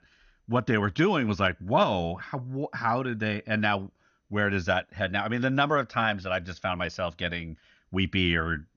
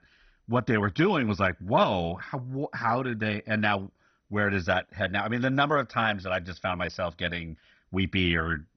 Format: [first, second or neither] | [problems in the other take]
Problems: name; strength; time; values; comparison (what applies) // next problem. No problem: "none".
first | garbled, watery; badly; nothing above 6 kHz; slightly in the first